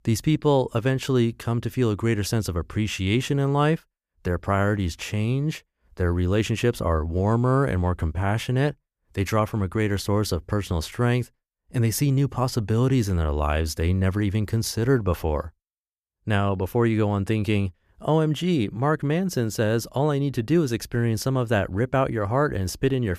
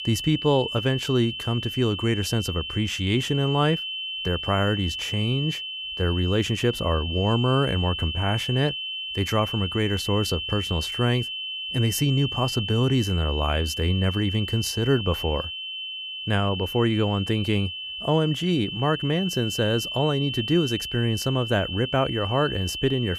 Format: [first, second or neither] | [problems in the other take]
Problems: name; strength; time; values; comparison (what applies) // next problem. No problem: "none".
first | high-pitched whine; loud; throughout; 3 kHz, 5 dB below the speech